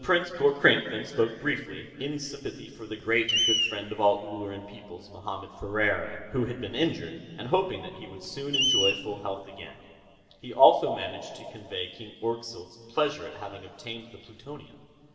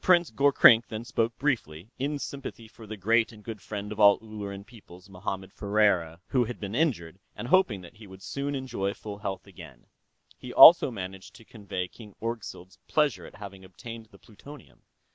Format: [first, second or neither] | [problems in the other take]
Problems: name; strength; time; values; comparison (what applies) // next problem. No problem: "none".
second | background sound (Screech); 4 dB below the speech // room echo; dies away in 2.4 s